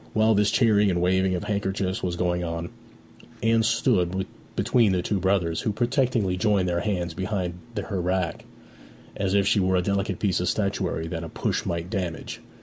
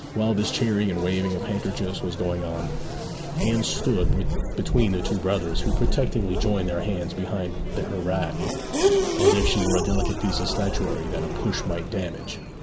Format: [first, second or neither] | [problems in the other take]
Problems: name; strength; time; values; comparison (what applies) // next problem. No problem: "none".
first | background sound (Race car, auto racing / Accelerating, revving, vroom); as loud as the speech